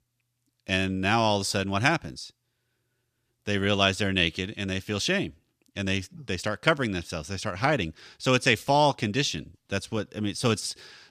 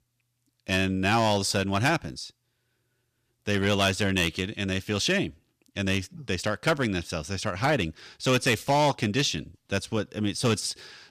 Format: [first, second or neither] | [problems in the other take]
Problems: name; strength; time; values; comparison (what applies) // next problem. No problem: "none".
first | distortion; slight; 3% of the sound clipped